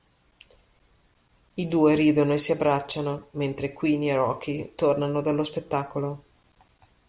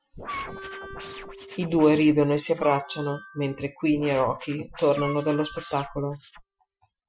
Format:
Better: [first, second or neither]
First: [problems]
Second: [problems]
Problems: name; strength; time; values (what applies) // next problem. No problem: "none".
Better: first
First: none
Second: noise reduction (classical method Wiener filter)